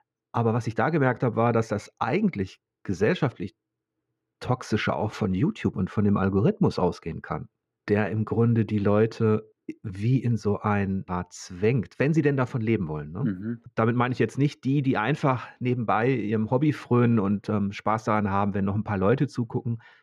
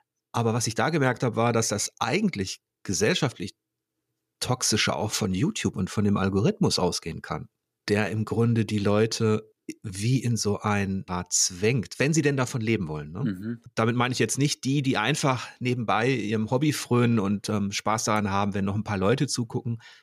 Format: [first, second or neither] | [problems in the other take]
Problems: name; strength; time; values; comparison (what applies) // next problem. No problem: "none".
second | muffled; very; fading above 3.5 kHz